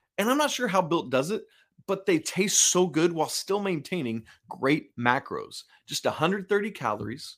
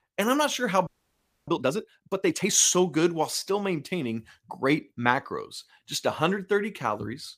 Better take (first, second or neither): first